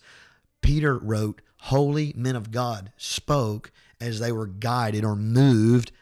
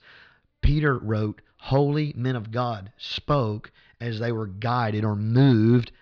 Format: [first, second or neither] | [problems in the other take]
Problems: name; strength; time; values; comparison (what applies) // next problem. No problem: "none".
first | muffled; very slightly; fading above 4 kHz